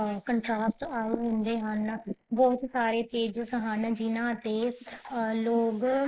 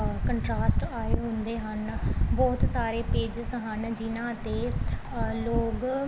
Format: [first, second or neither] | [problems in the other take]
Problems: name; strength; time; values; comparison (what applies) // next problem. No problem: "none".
second | noise reduction (neural mask model Resemble Enhance denoiser)